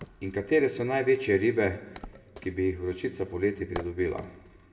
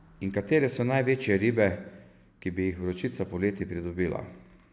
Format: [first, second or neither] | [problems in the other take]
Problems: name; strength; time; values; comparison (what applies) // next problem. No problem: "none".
second | background sound (Wood); 19 dB below the speech // room echo; dies away in 1.4 s